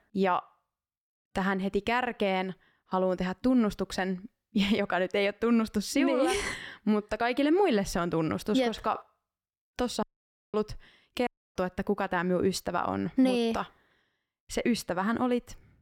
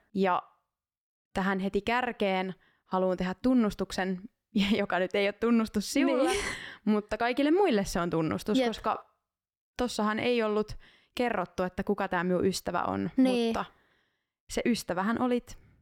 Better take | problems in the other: second | audio cutting out; at 10 s for 0.5 s and at 11 s

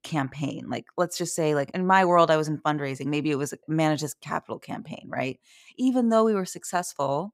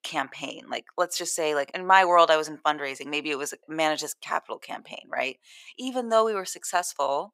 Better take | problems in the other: first | thin; somewhat; fading below 550 Hz

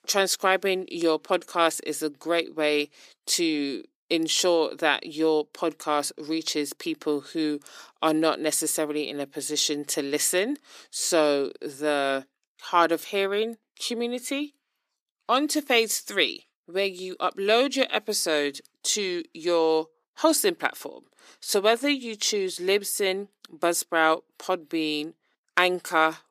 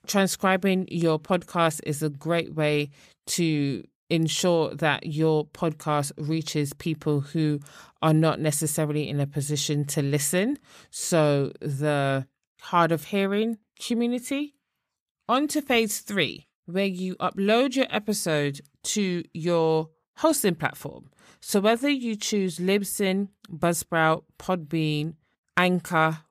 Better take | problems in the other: second | thin; somewhat; fading below 300 Hz

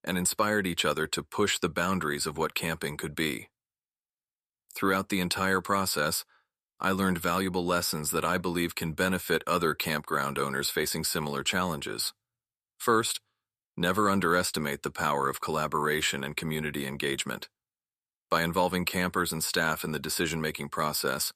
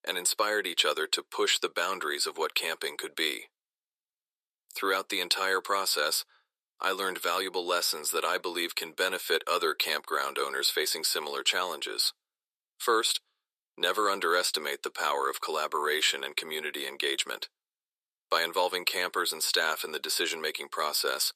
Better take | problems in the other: first | thin; very; fading below 400 Hz

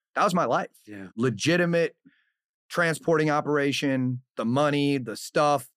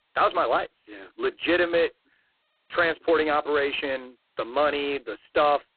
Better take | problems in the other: first | phone-call audio; poor line; nothing above 4 kHz

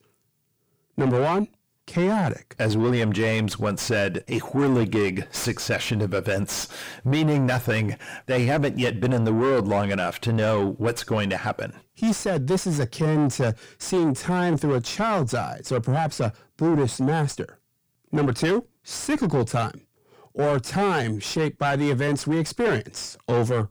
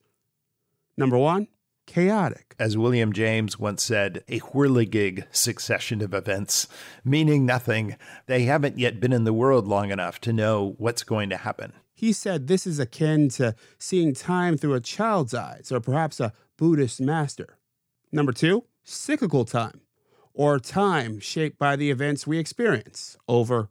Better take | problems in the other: second | distortion; heavy; 6 dB below the speech

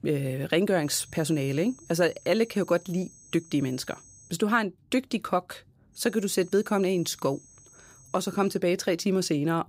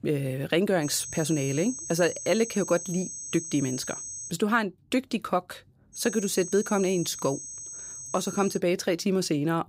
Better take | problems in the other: first | high-pitched whine; loud; from 1 to 4.5 s and from 6 to 8.5 s; 6.5 kHz, 8 dB below the speech; faint in the first

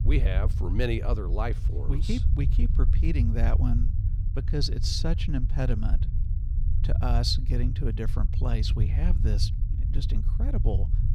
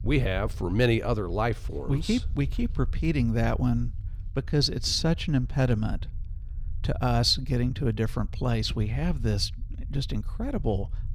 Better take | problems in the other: second | low rumble; loud; throughout; 10 dB below the speech; faint in the second

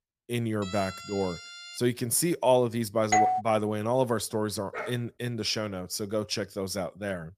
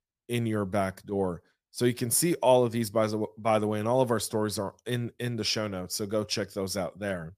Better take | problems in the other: second | siren; noticeable; from 0.5 to 2 s; peak 10 dB below the speech // doorbell; loud; at 3 s; peak 5 dB above the speech // dog barking; noticeable; at 4.5 s; peak 9 dB below the speech

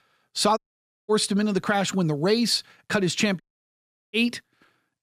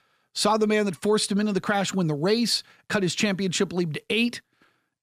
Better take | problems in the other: second | audio cutting out; at 0.5 s for 0.5 s and at 3.5 s for 0.5 s

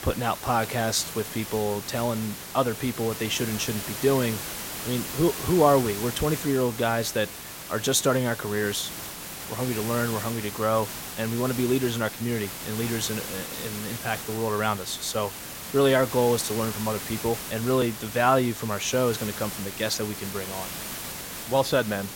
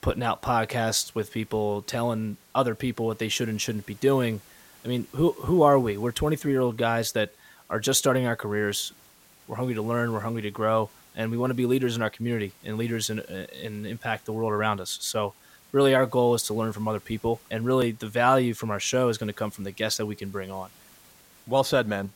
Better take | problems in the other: second | hiss; loud; throughout; 8 dB below the speech; faint in the second

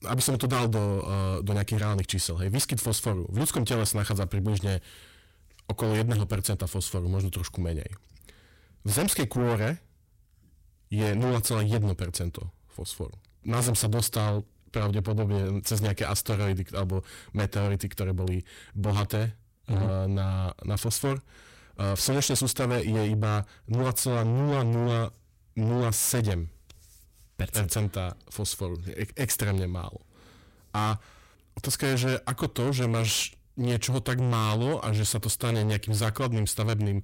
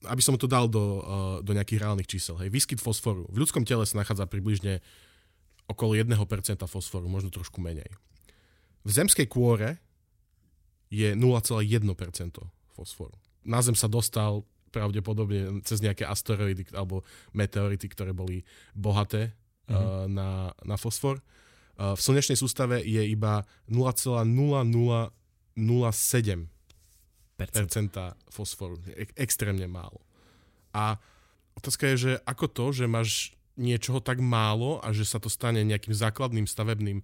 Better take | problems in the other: second | distortion; heavy; 6 dB below the speech

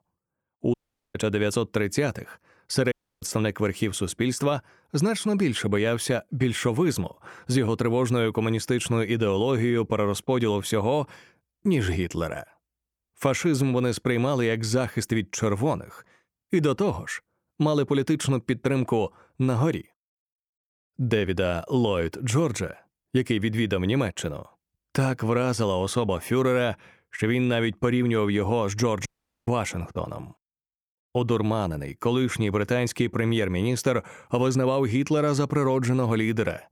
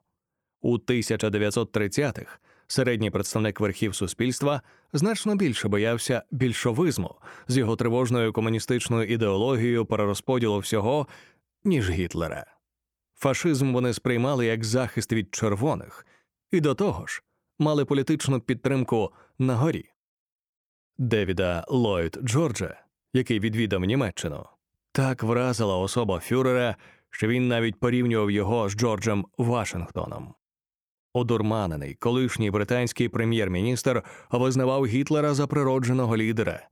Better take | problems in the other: second | audio cutting out; at 0.5 s, at 3 s and at 29 s

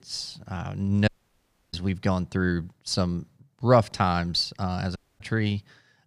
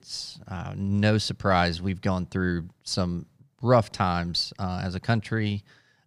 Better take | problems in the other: second | audio cutting out; at 1 s for 0.5 s and at 5 s

